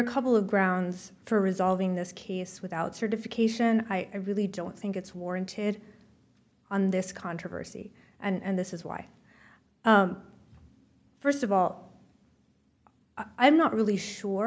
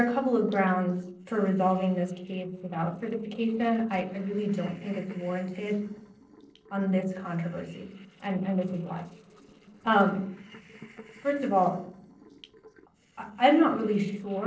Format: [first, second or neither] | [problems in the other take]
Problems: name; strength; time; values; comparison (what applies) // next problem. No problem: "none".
first | noise reduction (neural separator model SepFormer DNS4)